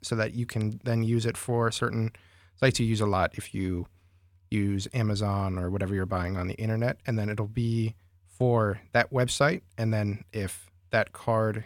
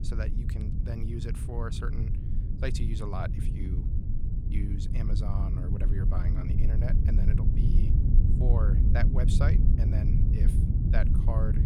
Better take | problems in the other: first | low rumble; loud; throughout; 1 dB below the speech

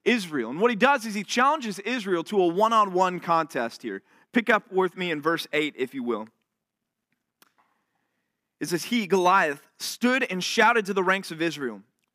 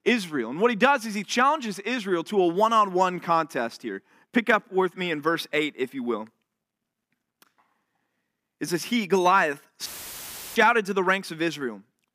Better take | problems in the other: first | audio cutting out; filled with static; at 10 s for 0.5 s

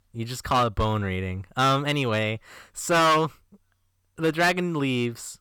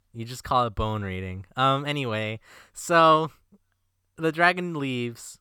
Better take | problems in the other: second | distortion; heavy; 6% of the sound clipped

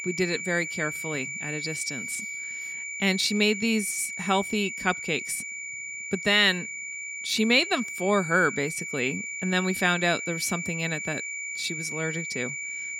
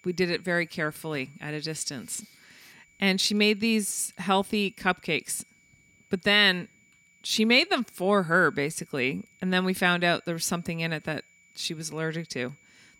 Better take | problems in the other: second | high-pitched whine; loud; throughout; 2.5 kHz, 6 dB below the speech; faint in the second

